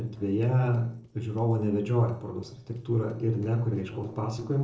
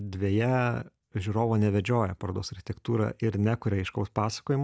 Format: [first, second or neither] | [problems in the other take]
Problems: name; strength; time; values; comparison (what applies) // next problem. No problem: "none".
second | noise reduction (neural separator model SepFormer DNS4)